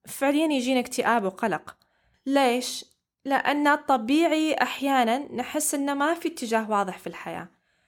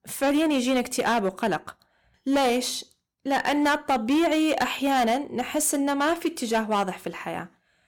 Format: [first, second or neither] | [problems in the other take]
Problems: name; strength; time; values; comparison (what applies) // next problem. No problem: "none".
first | distortion; slight; 9% of the sound clipped